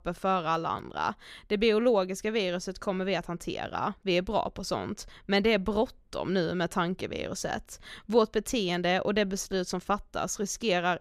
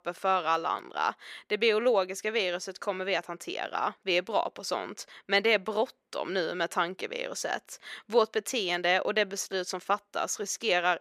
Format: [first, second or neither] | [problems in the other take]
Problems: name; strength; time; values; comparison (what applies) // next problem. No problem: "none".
first | thin; somewhat; fading below 400 Hz